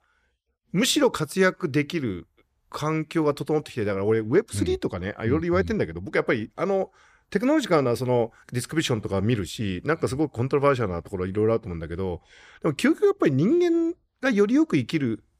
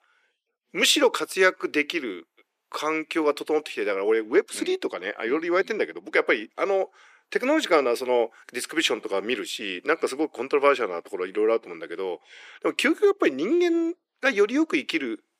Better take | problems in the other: first | thin; somewhat; fading below 300 Hz

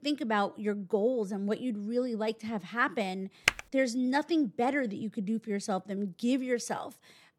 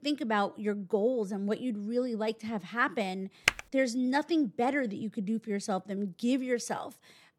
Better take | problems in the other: neither | keyboard typing; very faint; at 3.5 s; peak 2 dB above the speech; the same in both

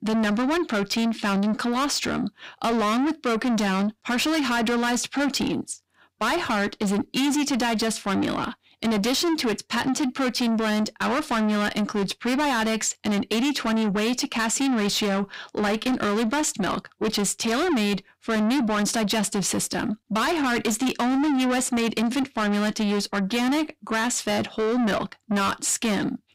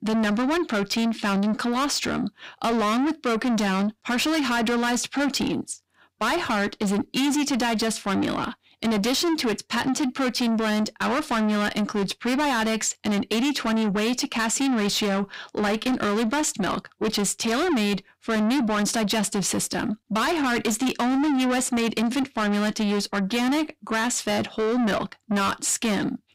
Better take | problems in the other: neither | distortion; heavy; 6 dB below the speech; the same in both

